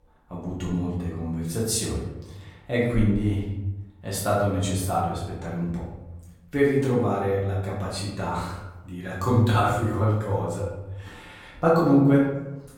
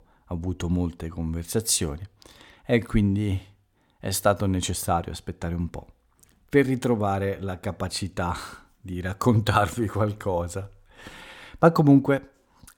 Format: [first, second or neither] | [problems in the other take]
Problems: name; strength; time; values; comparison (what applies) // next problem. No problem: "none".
second | off-mic speech; far // room echo; noticeable; dies away in 0.9 s